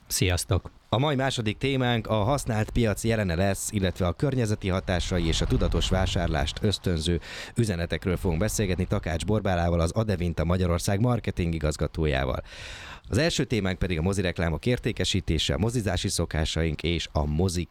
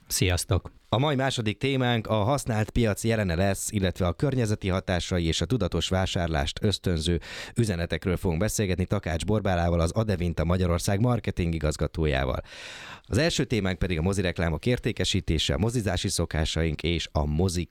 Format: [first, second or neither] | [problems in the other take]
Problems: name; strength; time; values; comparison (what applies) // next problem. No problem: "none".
second | wind noise on the microphone; occasional gusts; 25 dB below the speech